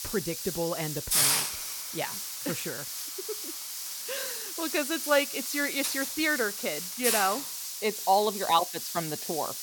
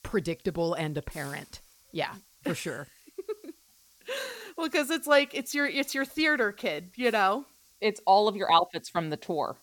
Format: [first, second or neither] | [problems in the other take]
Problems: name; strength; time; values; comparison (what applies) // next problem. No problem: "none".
second | hiss; loud; throughout; 1 dB below the speech; faint in the second